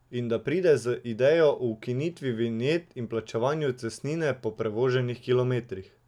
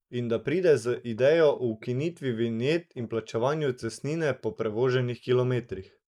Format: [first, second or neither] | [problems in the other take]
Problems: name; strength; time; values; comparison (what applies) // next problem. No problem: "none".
first | noise reduction (neural mask model Resemble Enhance denoiser)